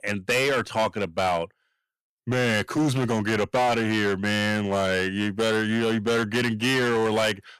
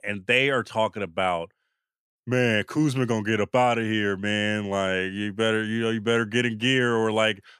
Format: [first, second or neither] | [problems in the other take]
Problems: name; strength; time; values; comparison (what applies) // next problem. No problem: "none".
second | distortion; heavy; 15% of the sound clipped